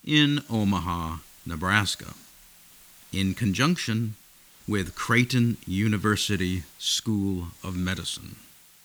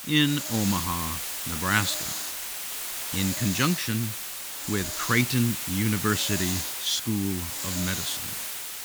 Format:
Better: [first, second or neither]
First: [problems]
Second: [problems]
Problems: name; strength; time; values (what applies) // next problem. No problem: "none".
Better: first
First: hiss; faint; throughout; 20 dB below the speech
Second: hiss; loud; throughout; 2 dB below the speech